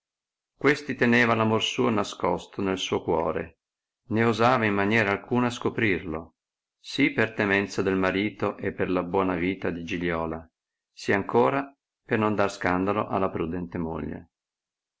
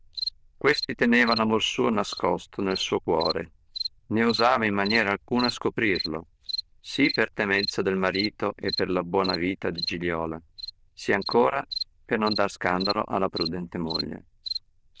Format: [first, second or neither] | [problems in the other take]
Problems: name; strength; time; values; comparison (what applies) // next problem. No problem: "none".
first | noise reduction (neural diffusion model UNIVERSE++)